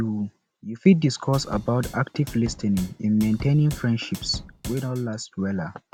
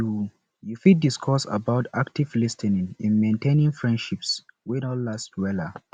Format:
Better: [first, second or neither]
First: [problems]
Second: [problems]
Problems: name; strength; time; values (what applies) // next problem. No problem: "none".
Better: second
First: background sound (Drum / Drum kit); 14 dB below the speech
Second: none